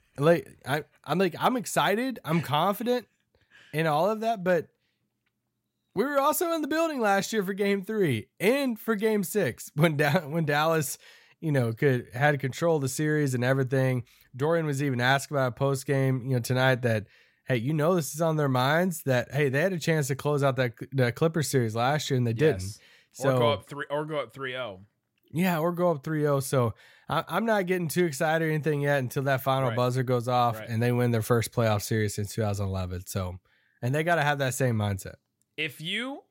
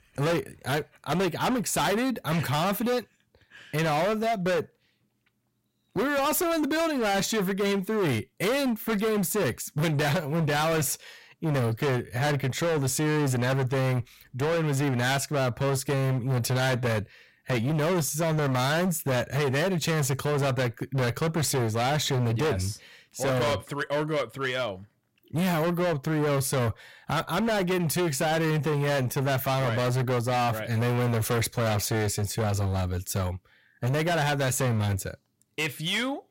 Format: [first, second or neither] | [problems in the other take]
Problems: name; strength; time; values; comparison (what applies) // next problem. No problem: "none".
first | distortion; heavy; 29% of the sound clipped